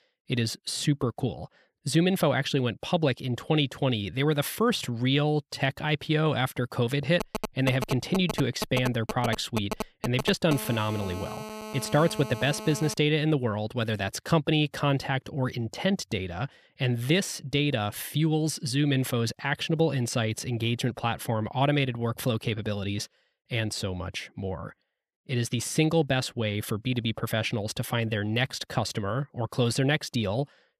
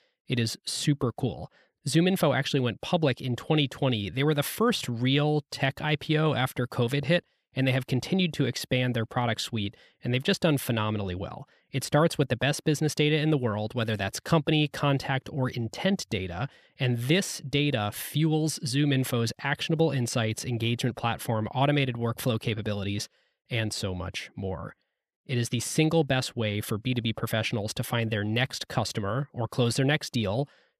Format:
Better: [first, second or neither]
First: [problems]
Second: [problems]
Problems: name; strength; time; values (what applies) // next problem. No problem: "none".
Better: second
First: phone ringing; noticeable; from 7 to 13 s; peak 7 dB below the speech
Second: none